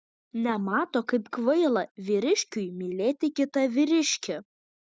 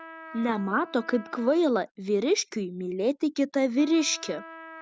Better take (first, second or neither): first